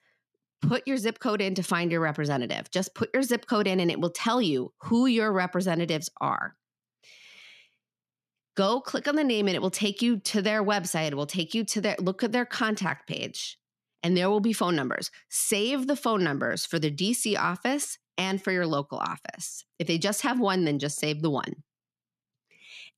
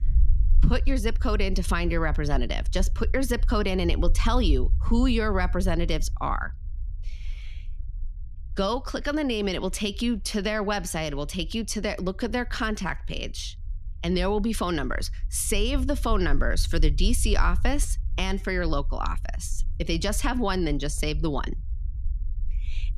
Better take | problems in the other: first | low rumble; faint; throughout; 25 dB below the speech

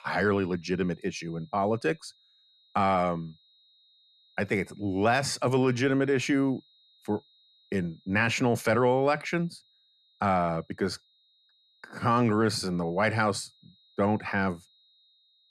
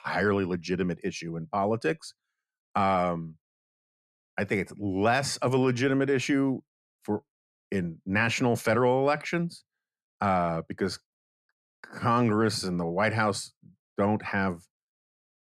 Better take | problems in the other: second | high-pitched whine; faint; throughout; 4 kHz, 35 dB below the speech

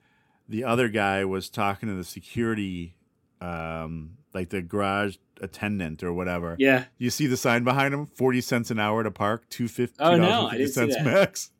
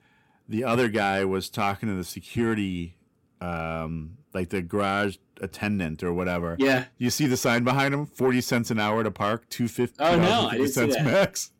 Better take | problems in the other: first | distortion; slight; 10 dB below the speech

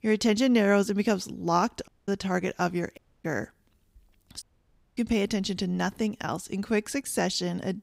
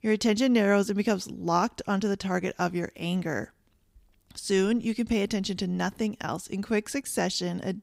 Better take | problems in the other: second | audio cutting out; at 2 s, at 3 s and at 4.5 s for 0.5 s

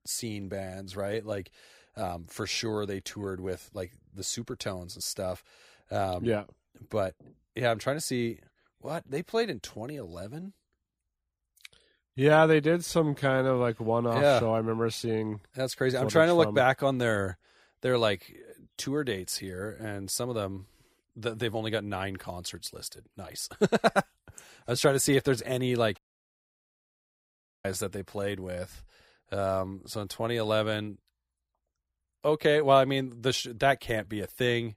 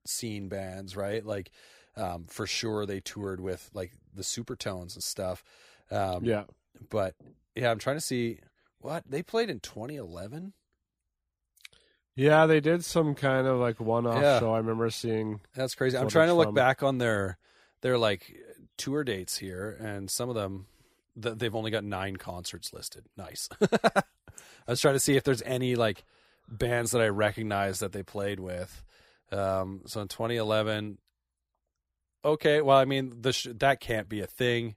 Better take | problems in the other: second | audio cutting out; at 26 s for 1.5 s

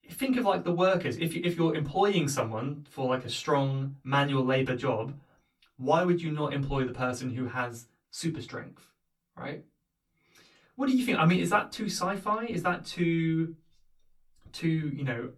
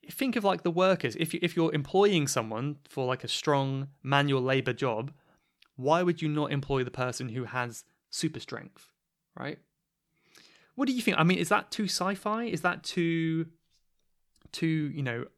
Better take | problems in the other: second | off-mic speech; far // room echo; very slight; dies away in 0.2 s

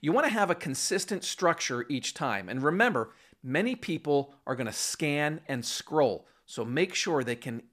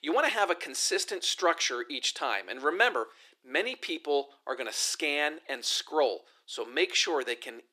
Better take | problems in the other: first | thin; somewhat; fading below 350 Hz

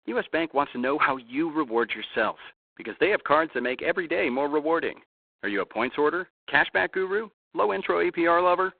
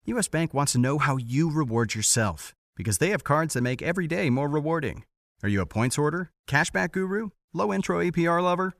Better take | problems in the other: second | phone-call audio; poor line; nothing above 4 kHz

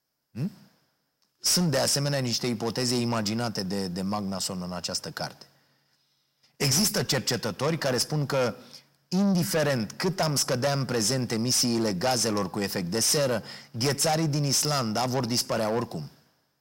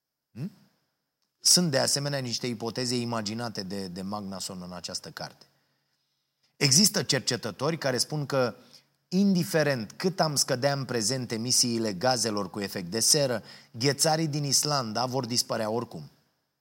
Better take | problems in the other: second | distortion; heavy; 7 dB below the speech

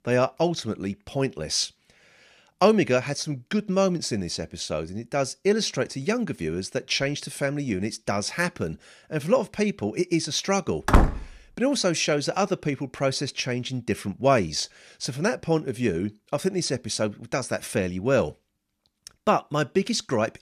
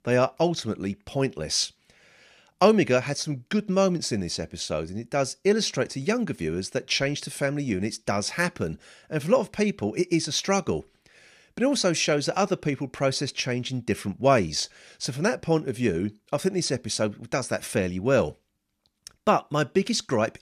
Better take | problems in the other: second | door banging; loud; at 11 s; peak 4 dB above the speech

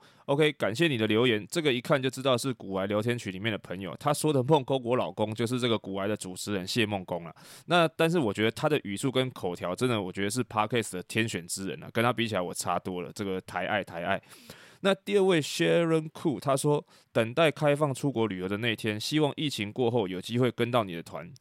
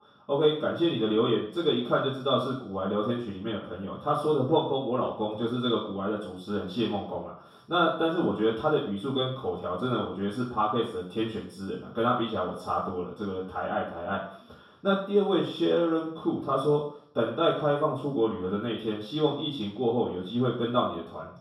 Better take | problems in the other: first | room echo; noticeable; dies away in 0.6 s // off-mic speech; far

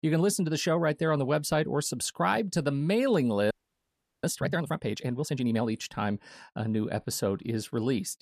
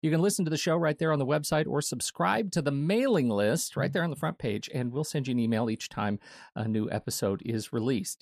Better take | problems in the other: second | audio freezing; at 3.5 s for 0.5 s

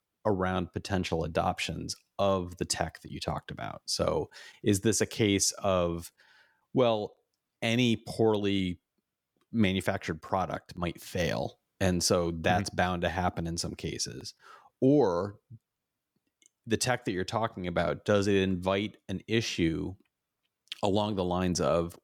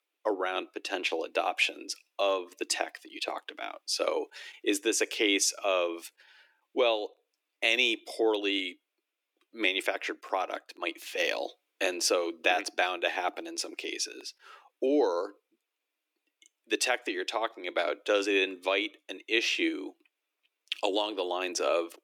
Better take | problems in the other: first | thin; somewhat; fading below 300 Hz

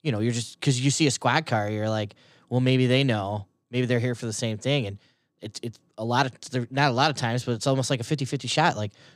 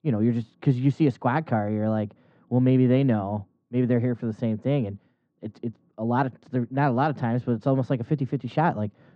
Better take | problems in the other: first | muffled; very; fading above 1.5 kHz

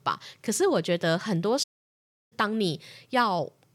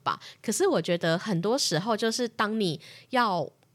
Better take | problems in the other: second | audio cutting out; at 1.5 s for 0.5 s

